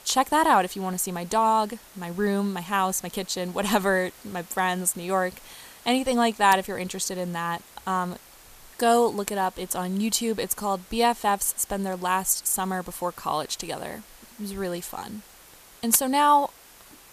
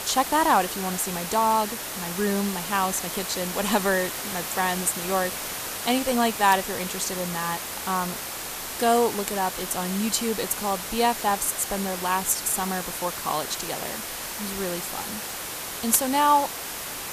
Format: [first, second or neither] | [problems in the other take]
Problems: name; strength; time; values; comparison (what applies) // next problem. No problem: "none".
first | hiss; loud; throughout; 5 dB below the speech; faint in the first